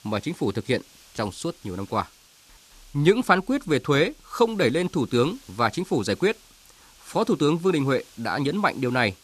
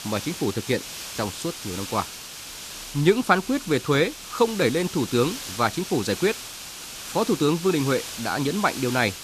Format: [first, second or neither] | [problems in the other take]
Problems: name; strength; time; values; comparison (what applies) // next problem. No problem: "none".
first | hiss; loud; throughout; 10 dB below the speech; faint in the first